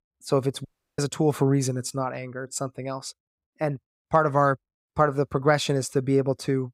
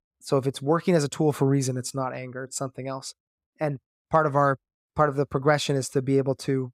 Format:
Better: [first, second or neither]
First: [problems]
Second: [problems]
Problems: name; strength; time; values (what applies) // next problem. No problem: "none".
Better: second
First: audio cutting out; at 0.5 s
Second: none